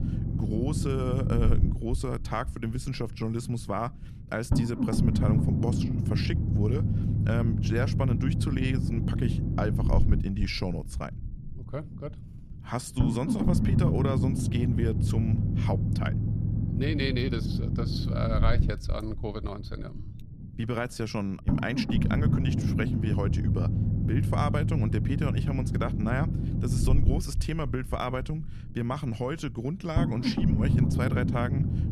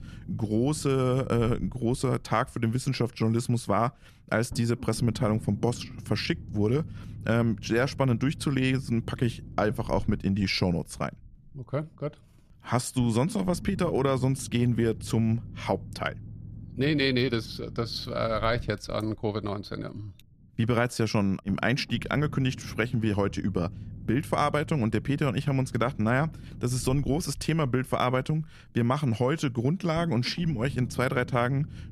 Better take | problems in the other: second | low rumble; loud; throughout; 2 dB below the speech; faint in the second

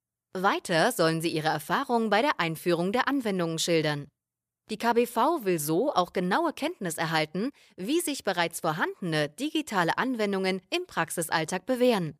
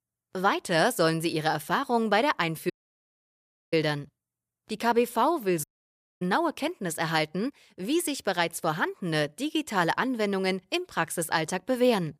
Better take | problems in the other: first | audio cutting out; at 2.5 s for 1 s and at 5.5 s for 0.5 s

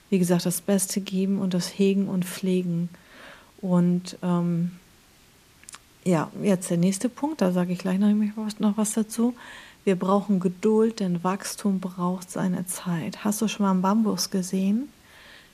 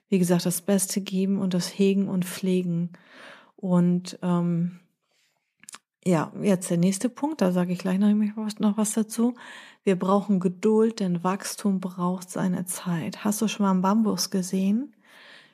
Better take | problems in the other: second | hiss; faint; throughout; 30 dB below the speech

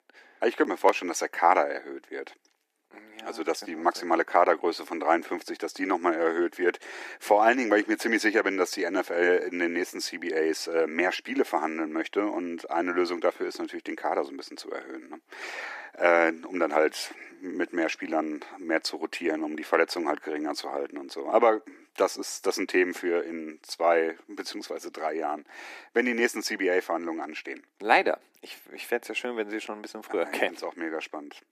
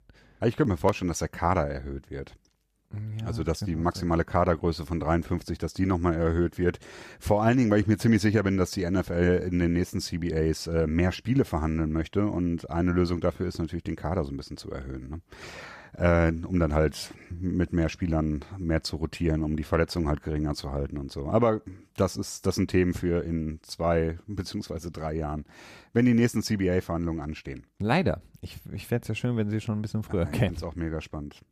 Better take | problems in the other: second | thin; very; fading below 300 Hz

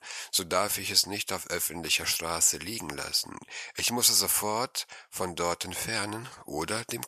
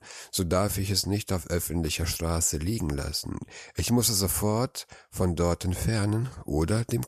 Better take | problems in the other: second | thin; somewhat; fading below 1 kHz

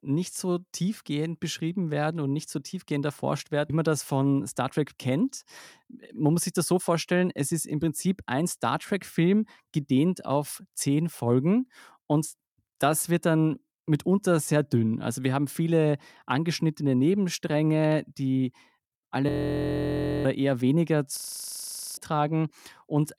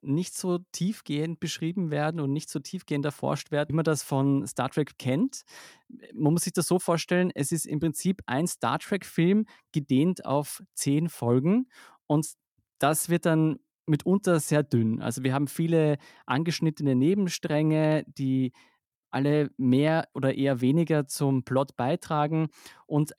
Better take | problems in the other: second | audio freezing; at 19 s for 1 s and at 21 s for 1 s

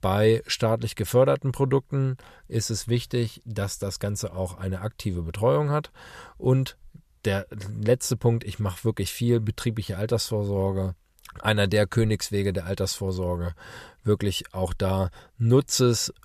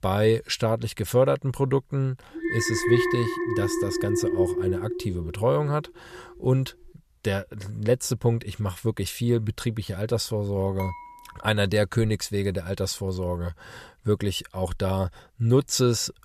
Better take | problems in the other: first | alarm; loud; from 2.5 to 5 s; peak 3 dB above the speech // clattering dishes; faint; at 11 s; peak 10 dB below the speech

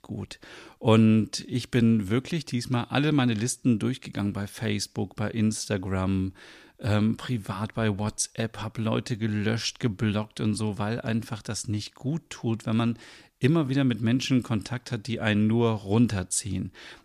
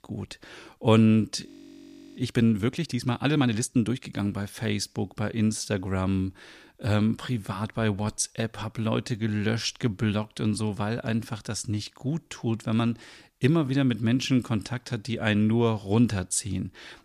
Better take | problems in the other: first | audio freezing; at 1.5 s for 0.5 s

